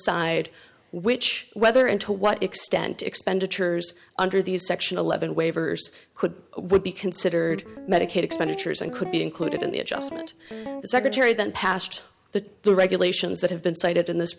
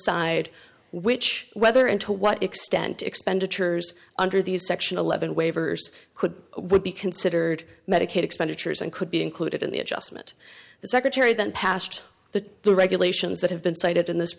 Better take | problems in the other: second | background sound (Guitar); 10 dB below the speech

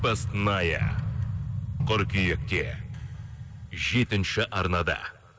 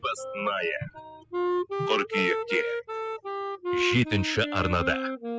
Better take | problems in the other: first | noise reduction (classical method spectral subtraction)

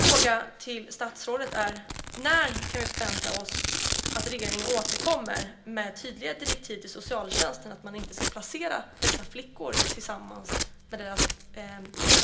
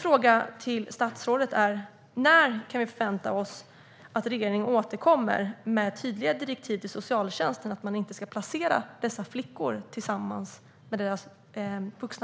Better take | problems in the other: second | background sound (Domestic sounds, home sounds); 2 dB above the speech // room echo; dies away in 0.2 s

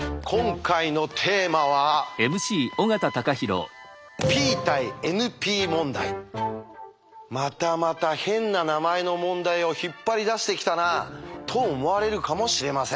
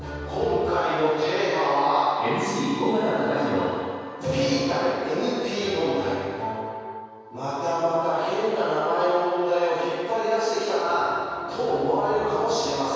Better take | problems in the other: first | room echo; dies away in 2.2 s

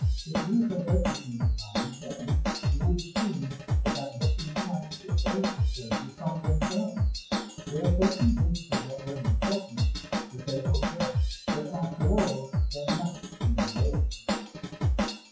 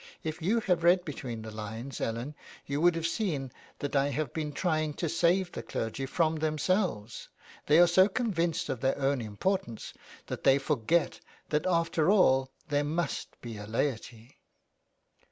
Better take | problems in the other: second | noise reduction (classical method WPE with log-MMSE)

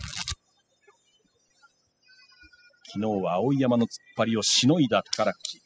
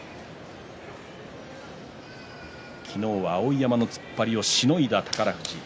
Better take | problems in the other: second | noise reduction (classical method spectral subtraction)

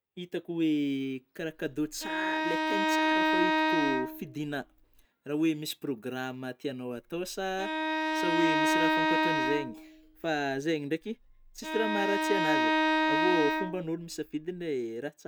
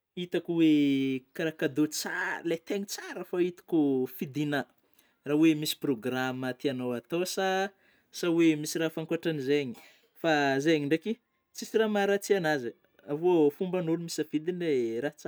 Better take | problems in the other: second | background sound (Bowed string instrument); 3 dB above the speech

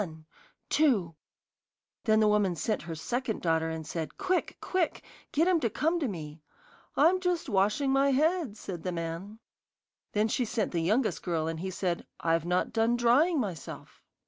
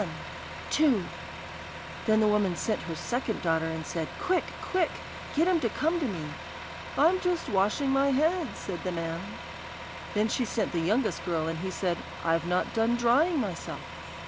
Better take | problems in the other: first | background sound (Truck); 11 dB below the speech

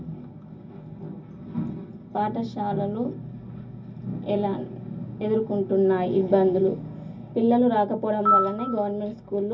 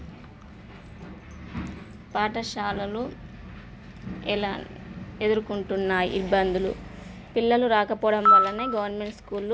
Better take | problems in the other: second | room echo; dies away in 0.4 s

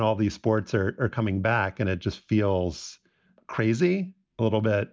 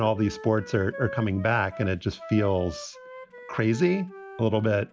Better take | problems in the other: first | background sound (Wind instrument, woodwind instrument); 16 dB below the speech

